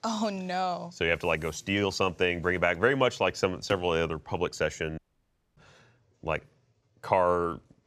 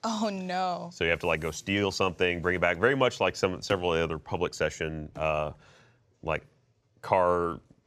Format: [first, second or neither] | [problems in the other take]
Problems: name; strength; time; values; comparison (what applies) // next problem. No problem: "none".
second | audio cutting out; at 5 s for 0.5 s